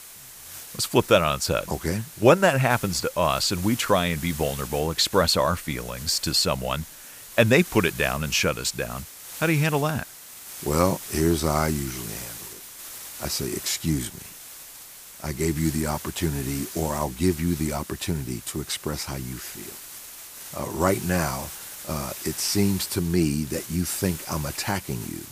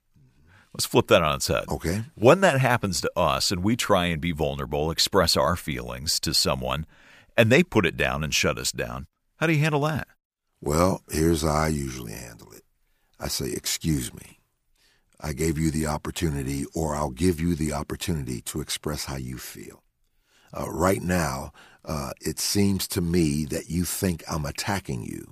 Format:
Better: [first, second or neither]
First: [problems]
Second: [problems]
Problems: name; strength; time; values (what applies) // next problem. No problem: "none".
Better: second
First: hiss; noticeable; throughout; 15 dB below the speech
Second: none